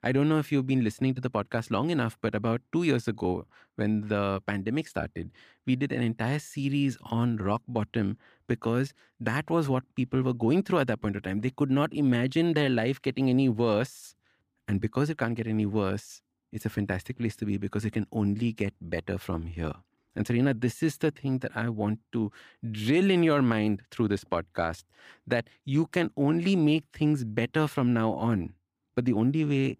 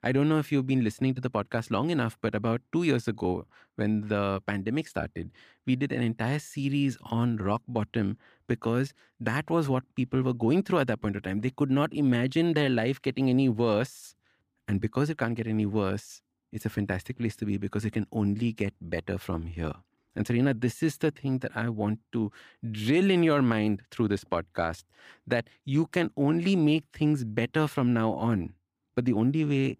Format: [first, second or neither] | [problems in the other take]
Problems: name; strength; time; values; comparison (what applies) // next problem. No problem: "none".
neither | none